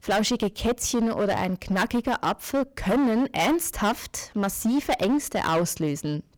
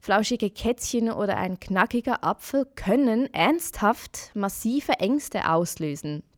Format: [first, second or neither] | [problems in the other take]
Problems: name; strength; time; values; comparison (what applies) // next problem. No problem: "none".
second | distortion; heavy; 14% of the sound clipped